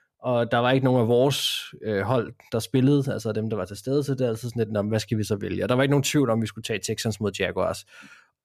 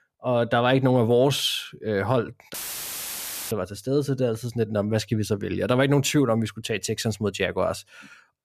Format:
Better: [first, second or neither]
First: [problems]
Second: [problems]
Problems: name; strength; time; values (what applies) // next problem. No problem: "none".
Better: first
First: none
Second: audio cutting out; filled with static; at 2.5 s for 1 s